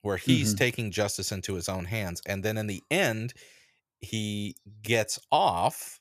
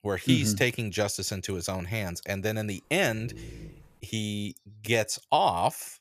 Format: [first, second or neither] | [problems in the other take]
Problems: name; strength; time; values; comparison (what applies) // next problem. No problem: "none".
first | dog barking; faint; at 3 s; peak 15 dB below the speech